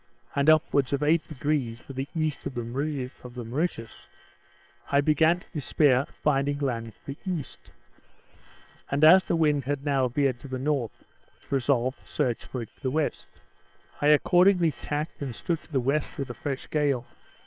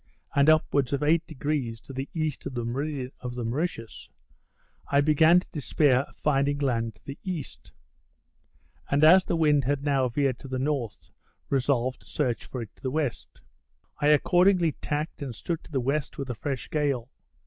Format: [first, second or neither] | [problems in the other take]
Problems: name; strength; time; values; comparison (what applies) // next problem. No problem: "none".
second | noise reduction (neural separator model SepFormer WHAM!)